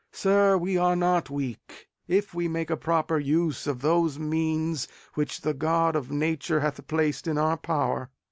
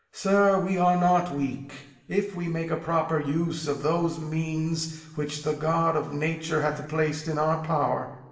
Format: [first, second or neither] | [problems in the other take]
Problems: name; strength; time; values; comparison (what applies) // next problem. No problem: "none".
first | room echo; dies away in 1.1 s